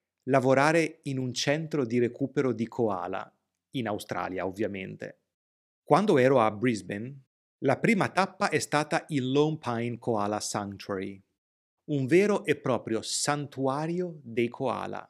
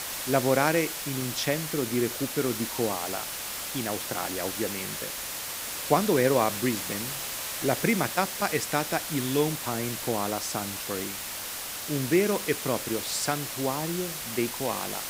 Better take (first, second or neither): first